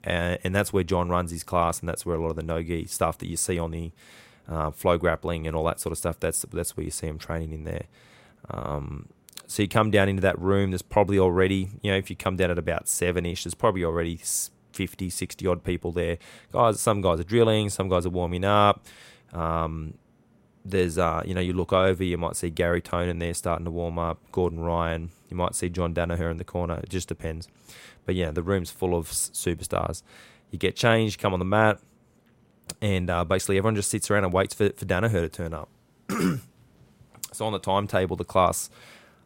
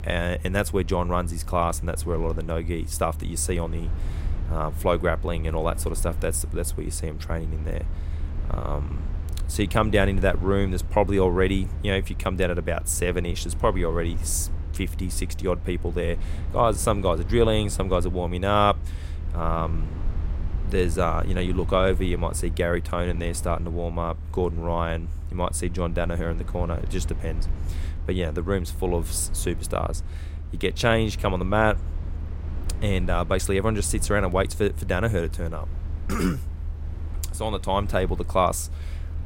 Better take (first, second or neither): first